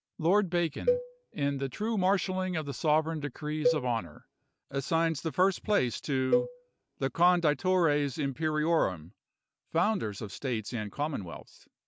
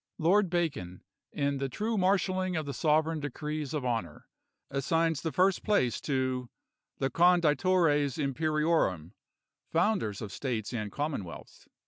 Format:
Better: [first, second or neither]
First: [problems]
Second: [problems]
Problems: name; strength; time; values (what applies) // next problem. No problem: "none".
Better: second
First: background sound (Cowbell); 5 dB below the speech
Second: none